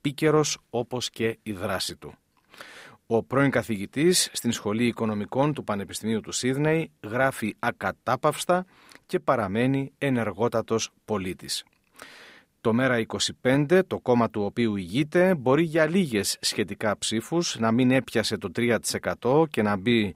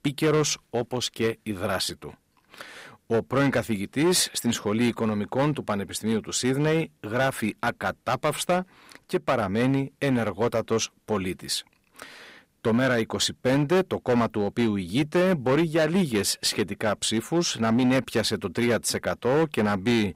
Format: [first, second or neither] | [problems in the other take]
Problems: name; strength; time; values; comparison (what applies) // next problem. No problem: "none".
first | distortion; slight; 7% of the sound clipped